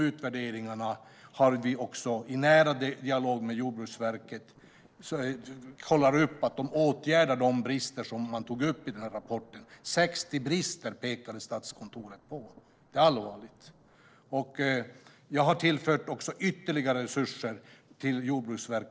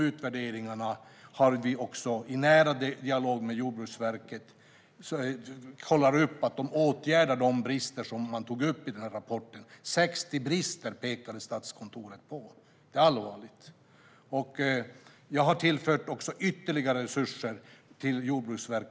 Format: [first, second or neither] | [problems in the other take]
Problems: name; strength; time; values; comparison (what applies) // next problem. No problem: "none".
second | noise reduction (neural separator model SepFormer DNS4)